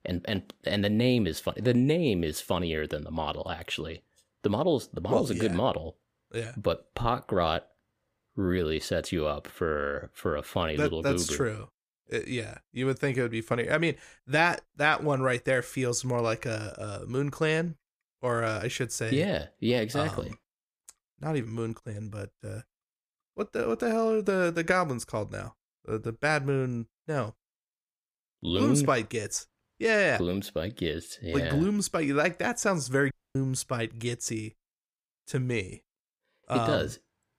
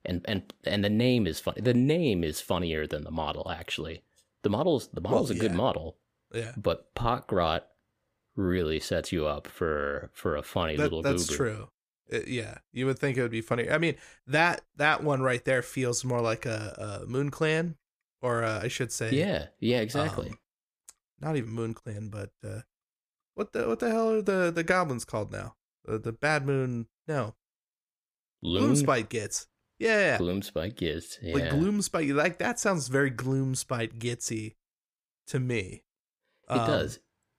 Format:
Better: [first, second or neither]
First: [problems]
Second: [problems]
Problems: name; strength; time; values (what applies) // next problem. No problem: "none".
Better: second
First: audio cutting out; at 33 s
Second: none